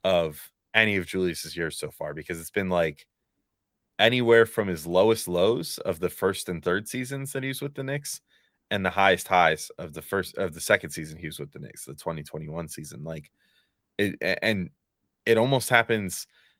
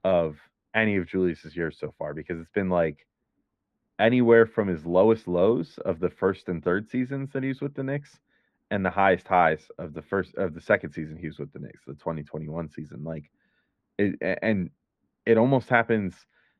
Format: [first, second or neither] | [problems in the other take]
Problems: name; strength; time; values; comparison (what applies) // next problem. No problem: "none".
first | muffled; very; fading above 1.5 kHz